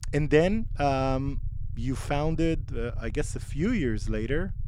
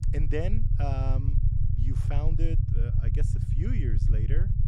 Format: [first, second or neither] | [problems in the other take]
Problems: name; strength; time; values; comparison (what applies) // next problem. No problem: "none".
first | low rumble; loud; throughout; 3 dB below the speech; faint in the first